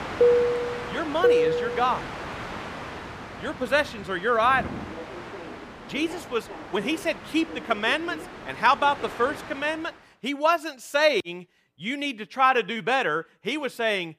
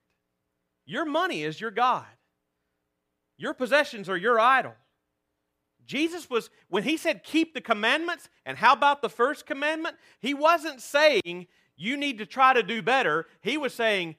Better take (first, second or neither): second